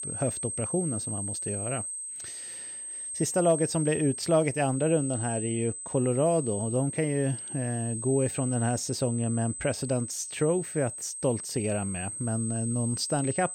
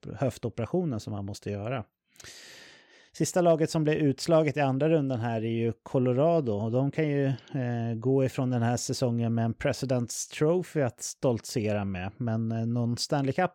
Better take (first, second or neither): second